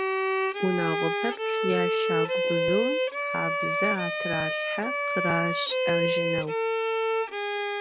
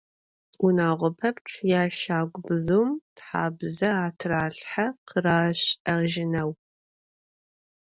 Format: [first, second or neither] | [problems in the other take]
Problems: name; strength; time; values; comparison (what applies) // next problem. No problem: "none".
second | background sound (Bowed string instrument); 5 dB above the speech